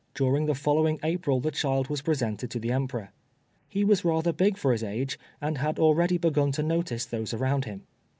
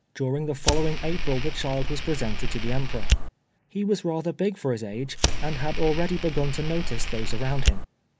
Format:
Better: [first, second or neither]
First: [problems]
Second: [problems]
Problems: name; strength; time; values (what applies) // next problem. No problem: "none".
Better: first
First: none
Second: background sound (Fire); 5 dB above the speech